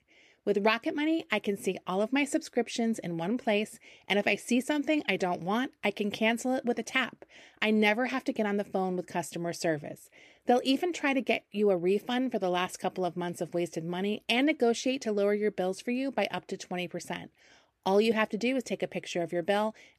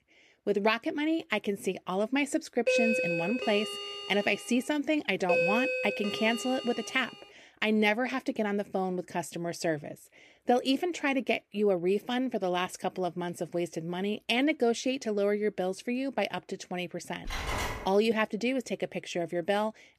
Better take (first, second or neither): first